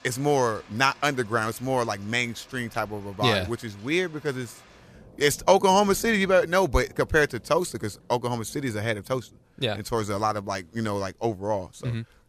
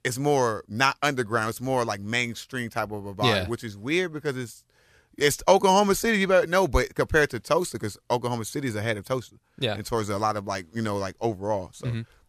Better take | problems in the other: second | rain or running water; faint; throughout; 25 dB below the speech

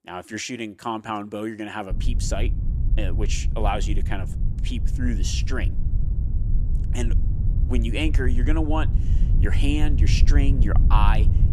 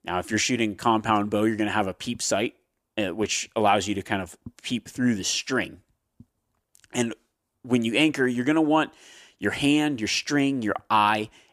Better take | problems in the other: second | low rumble; noticeable; from 2 s on; 10 dB below the speech

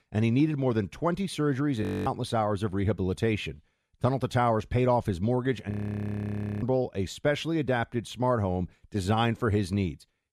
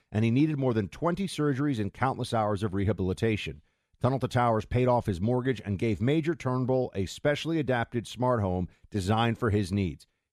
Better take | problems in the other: second | audio freezing; at 2 s and at 5.5 s for 1 s

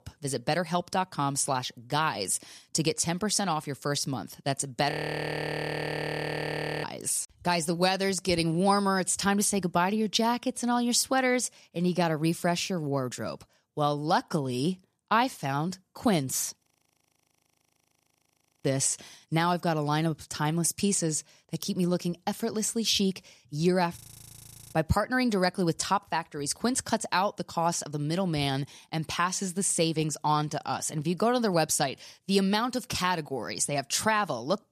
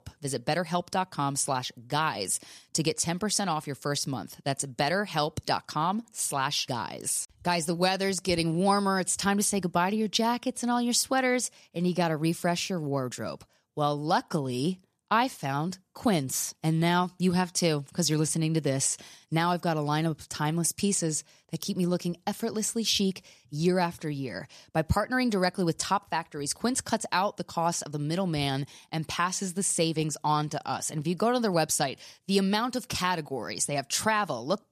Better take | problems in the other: second | audio freezing; at 5 s for 2 s, at 17 s for 2 s and at 24 s for 1 s

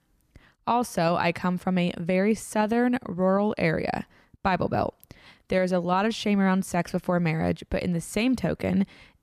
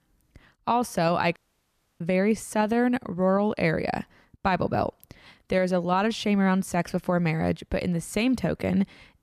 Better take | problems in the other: first | audio cutting out; at 1.5 s for 0.5 s

